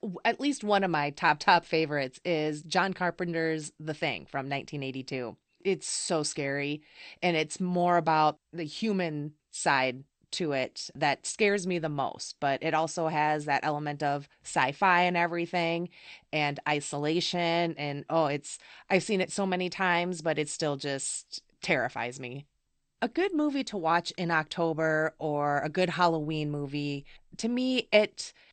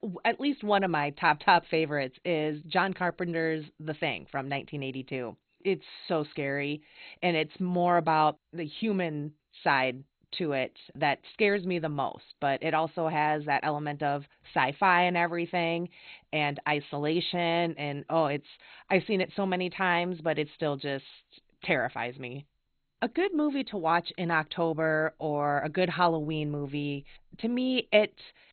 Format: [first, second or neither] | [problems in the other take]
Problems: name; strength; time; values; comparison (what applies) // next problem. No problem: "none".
first | garbled, watery; badly; nothing above 4 kHz; slightly in the first